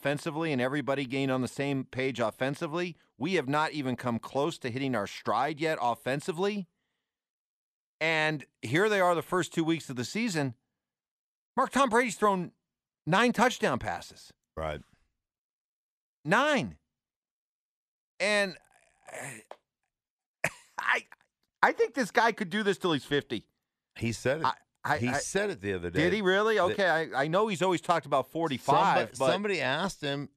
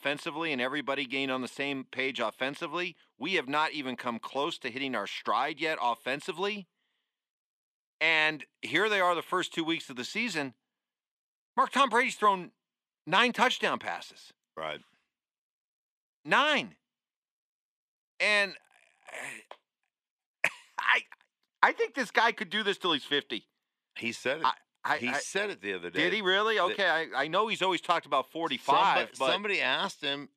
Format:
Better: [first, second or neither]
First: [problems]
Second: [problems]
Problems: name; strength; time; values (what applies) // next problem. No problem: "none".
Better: first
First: none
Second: thin; very slightly; fading below 250 Hz